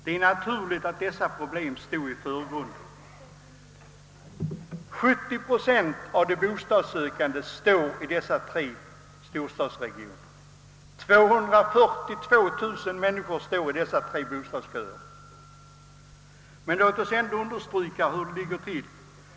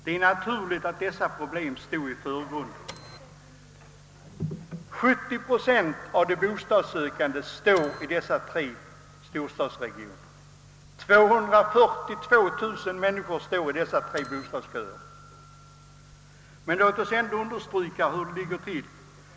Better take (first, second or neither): first